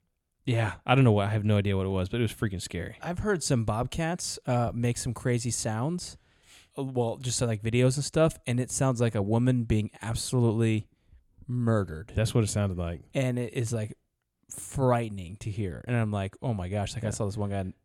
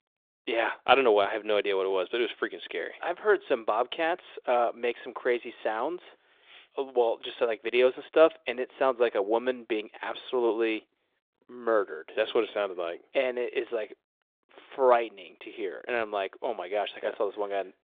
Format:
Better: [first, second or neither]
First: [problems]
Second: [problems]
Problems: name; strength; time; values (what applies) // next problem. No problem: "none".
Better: first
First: none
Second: phone-call audio